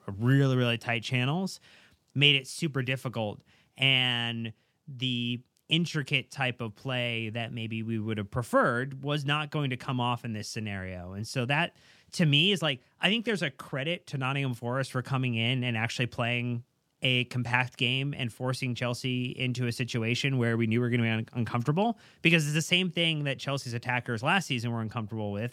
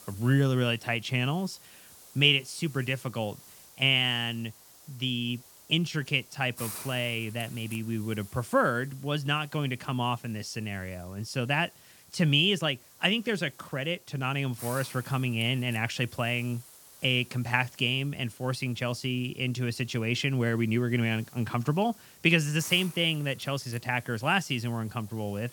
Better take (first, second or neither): first